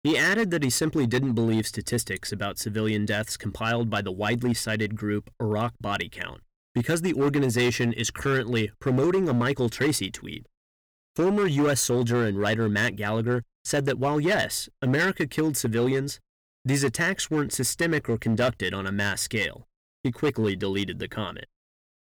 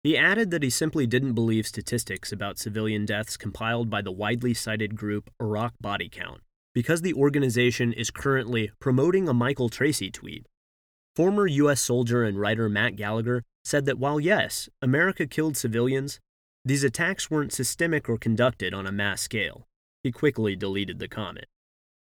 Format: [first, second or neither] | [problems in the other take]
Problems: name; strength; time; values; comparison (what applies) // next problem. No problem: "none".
second | distortion; slight; 7% of the sound clipped